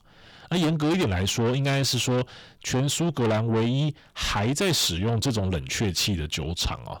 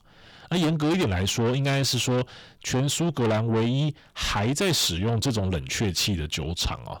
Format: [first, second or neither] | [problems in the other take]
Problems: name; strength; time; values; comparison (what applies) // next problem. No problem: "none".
neither | distortion; heavy; 7 dB below the speech; the same in both